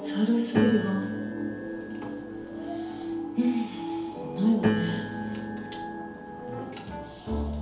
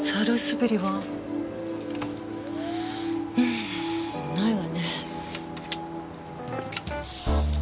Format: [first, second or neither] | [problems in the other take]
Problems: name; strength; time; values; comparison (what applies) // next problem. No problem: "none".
second | background sound (Piano); 4 dB below the speech // room echo; dies away in 2.2 s